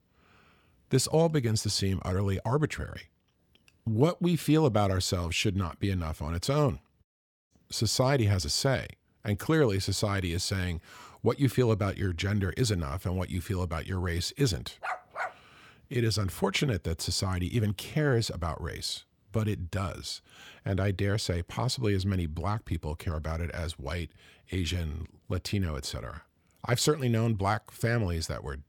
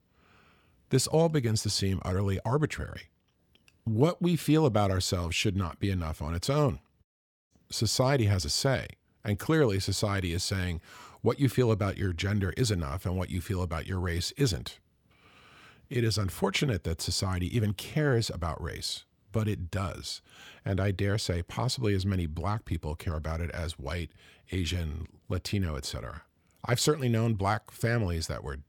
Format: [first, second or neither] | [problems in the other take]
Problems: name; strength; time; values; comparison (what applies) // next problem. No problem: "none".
second | dog barking; noticeable; at 15 s; peak 5 dB below the speech